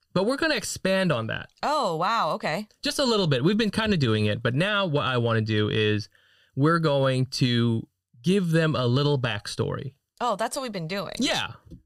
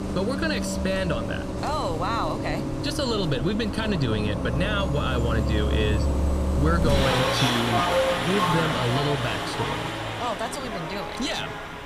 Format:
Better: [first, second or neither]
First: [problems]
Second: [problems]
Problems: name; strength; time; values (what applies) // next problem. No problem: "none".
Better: first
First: none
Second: traffic noise; very loud; throughout; 1 dB above the speech